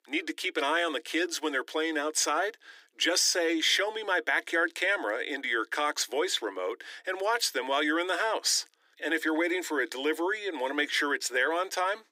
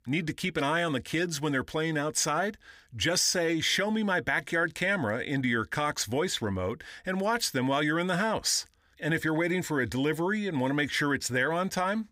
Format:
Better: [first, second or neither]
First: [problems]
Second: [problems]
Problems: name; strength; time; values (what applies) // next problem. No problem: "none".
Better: second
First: thin; somewhat; fading below 300 Hz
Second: none